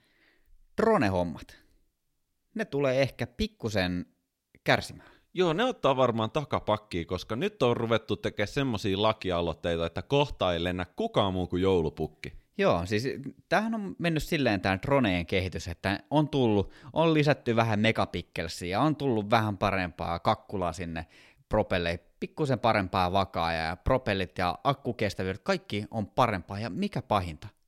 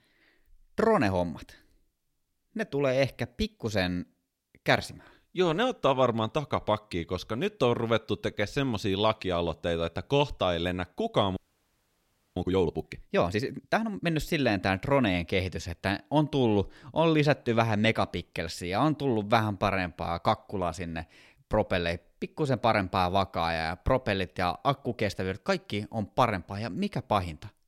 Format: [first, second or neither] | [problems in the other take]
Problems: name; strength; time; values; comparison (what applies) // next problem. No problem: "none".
first | audio freezing; at 11 s for 1 s